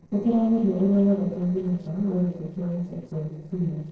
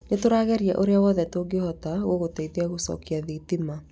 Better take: second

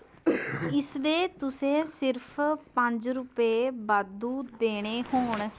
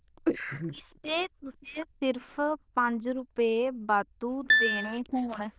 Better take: first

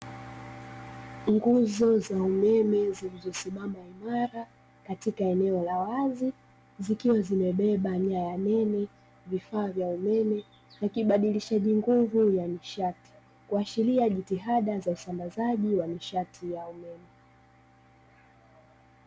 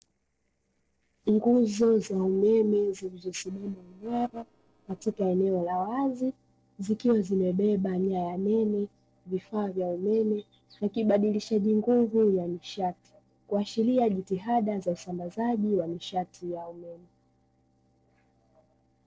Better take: first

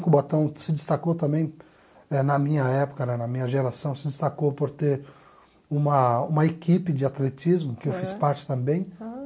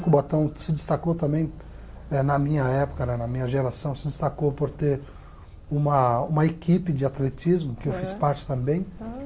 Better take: first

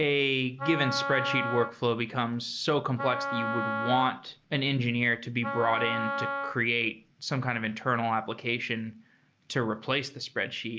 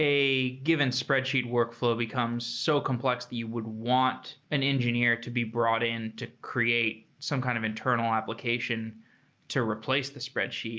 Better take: second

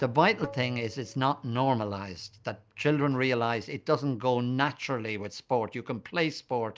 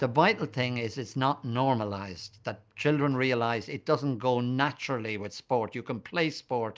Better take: second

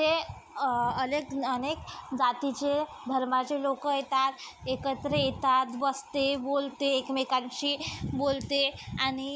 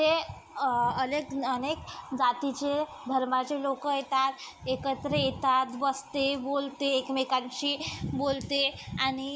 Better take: first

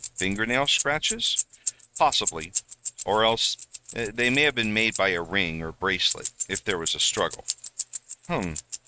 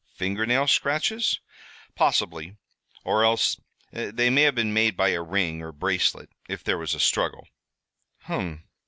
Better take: second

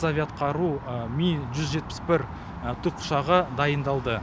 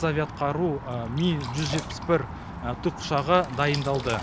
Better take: first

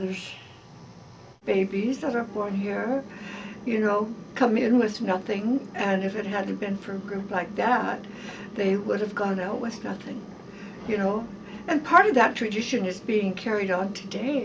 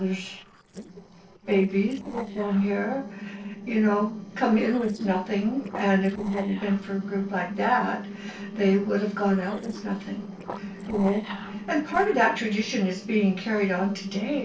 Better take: first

